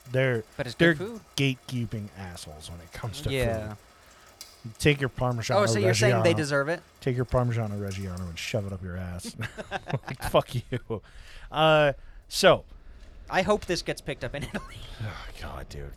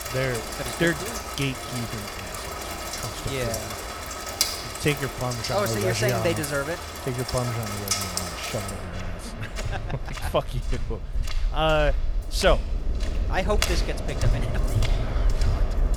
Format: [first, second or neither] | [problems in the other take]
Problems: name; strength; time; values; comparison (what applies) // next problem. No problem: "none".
first | rain or running water; loud; throughout; 1 dB below the speech; faint in the first